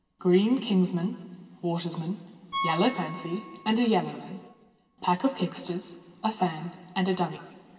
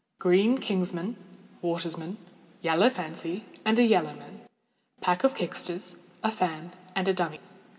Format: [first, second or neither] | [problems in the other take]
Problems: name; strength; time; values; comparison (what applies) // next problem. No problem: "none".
second | background sound (Piano); 14 dB below the speech // room echo; dies away in 1.4 s